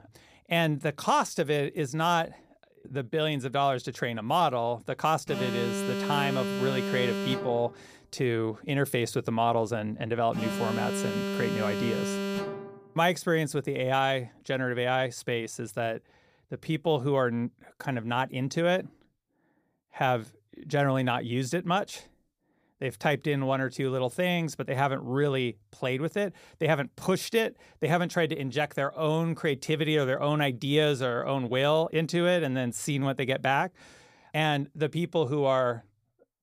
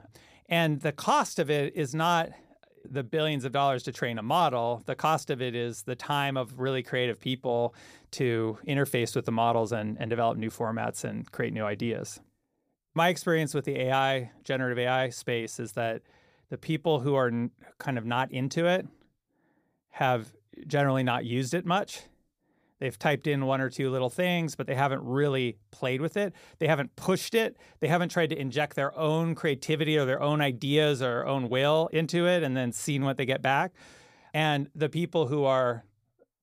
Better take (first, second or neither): second